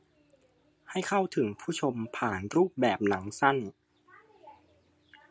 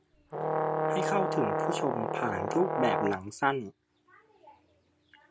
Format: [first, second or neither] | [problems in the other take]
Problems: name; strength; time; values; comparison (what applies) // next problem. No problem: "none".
first | background sound (Brass instrument); 3 dB above the speech